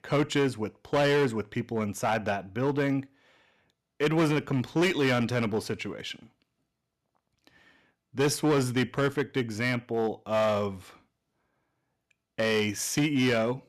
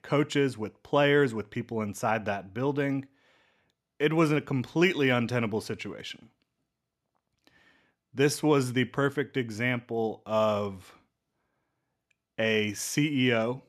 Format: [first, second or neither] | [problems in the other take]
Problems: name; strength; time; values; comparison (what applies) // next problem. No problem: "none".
second | distortion; slight; 6% of the sound clipped